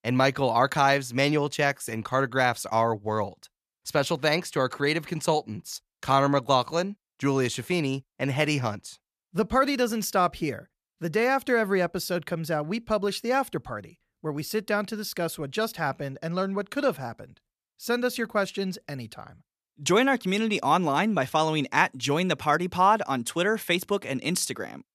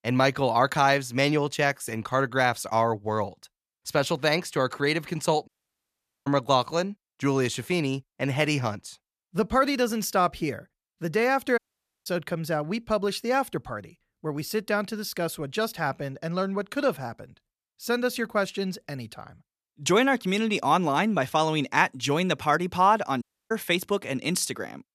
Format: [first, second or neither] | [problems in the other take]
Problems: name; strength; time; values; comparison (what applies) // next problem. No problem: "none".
first | audio cutting out; at 5.5 s for 1 s, at 12 s and at 23 s